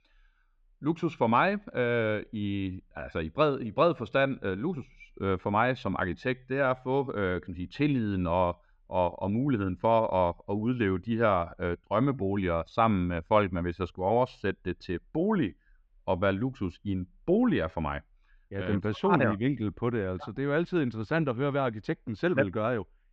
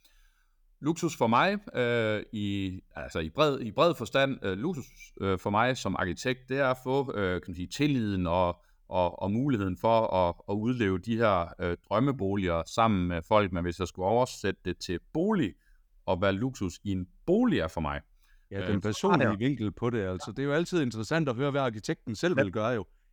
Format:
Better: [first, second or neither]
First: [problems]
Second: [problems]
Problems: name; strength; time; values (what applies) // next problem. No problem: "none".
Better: second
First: muffled; slightly; fading above 3 kHz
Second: none